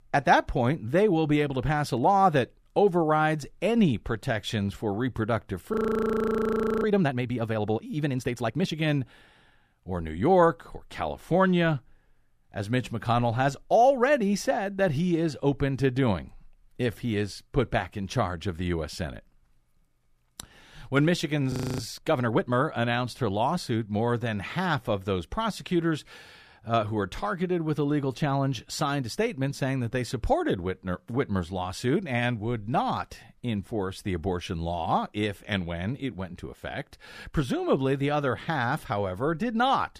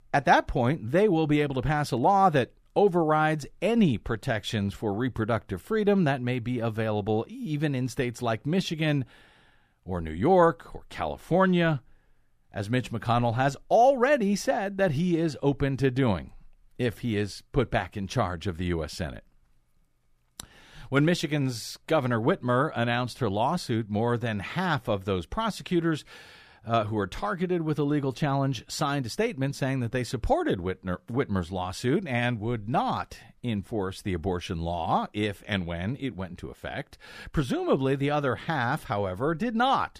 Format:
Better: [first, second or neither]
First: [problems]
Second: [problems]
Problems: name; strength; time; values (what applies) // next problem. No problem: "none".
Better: second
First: audio freezing; at 5.5 s for 1 s and at 22 s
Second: none